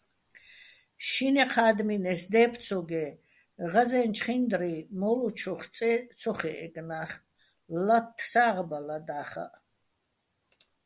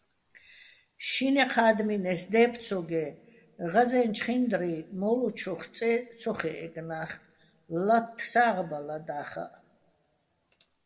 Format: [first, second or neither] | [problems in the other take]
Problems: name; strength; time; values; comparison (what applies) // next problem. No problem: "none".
first | room echo; dies away in 1 s